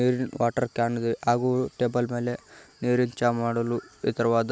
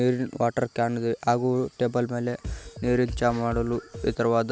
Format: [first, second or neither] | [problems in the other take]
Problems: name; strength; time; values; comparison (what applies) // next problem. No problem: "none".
first | background sound (Drum kit); 11 dB below the speech